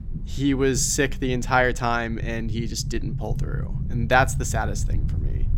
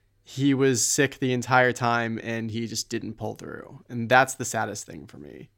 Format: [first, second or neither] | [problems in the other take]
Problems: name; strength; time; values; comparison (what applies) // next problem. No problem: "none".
second | low rumble; faint; throughout; 20 dB below the speech